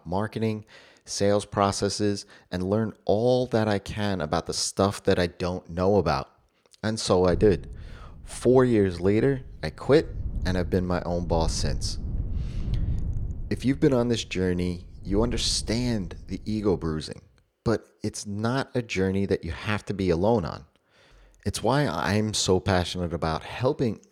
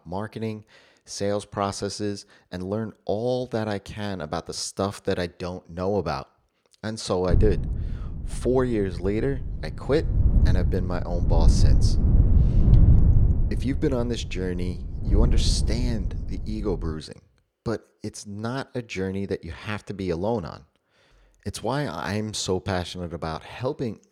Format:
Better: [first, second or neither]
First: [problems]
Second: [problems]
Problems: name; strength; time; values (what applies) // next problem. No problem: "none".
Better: first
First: wind noise on the microphone; occasional gusts; from 7.5 to 17 s; 20 dB below the speech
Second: wind noise on the microphone; heavy; from 7.5 to 17 s; 7 dB below the speech